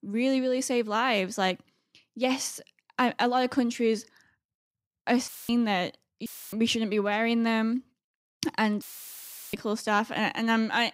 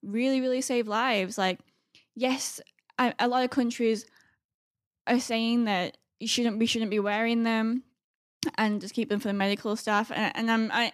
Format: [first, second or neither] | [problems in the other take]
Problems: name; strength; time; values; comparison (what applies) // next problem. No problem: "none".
second | audio cutting out; filled with static; at 5.5 s, at 6.5 s and at 9 s for 0.5 s